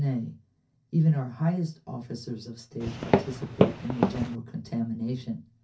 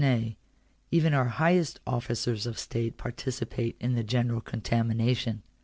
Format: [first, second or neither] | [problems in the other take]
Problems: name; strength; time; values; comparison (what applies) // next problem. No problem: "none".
second | background sound (Walk, footsteps); 4 dB above the speech // room echo; dies away in 0.3 s